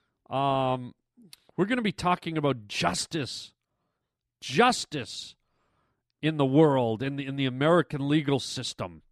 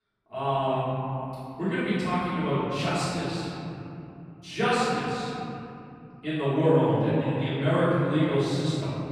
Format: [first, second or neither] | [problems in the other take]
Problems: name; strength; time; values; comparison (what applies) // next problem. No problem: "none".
first | room echo; strong; dies away in 3 s // off-mic speech; far